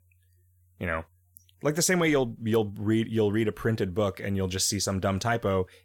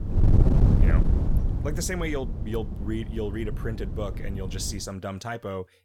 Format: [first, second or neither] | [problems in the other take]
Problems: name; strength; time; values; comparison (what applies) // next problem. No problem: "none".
first | wind noise on the microphone; heavy; until 5 s; 4 dB below the speech